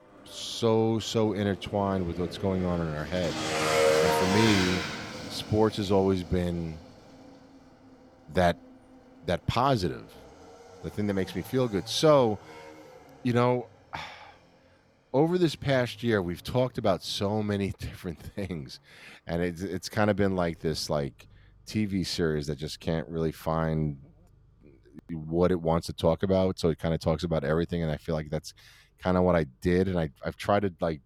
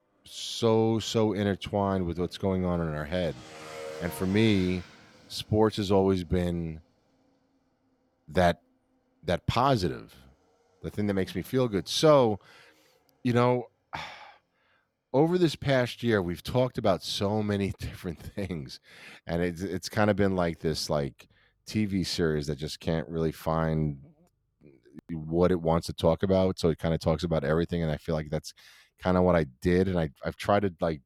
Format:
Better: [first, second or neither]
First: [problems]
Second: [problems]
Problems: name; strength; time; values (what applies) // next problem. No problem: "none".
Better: second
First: traffic noise; loud; throughout; 3 dB below the speech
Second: traffic noise; faint; throughout; 20 dB below the speech